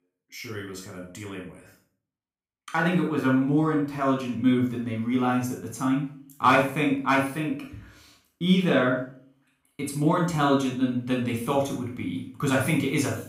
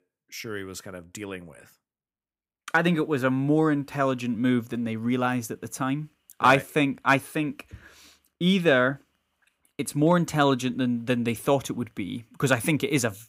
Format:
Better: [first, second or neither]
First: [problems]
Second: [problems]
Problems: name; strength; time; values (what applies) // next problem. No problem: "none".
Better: second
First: off-mic speech; far // room echo; noticeable; dies away in 0.4 s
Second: none